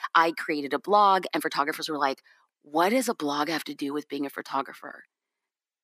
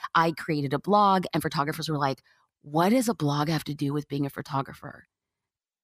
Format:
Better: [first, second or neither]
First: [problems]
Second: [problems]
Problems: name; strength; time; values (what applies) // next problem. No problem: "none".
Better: second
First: thin; very slightly; fading below 250 Hz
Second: none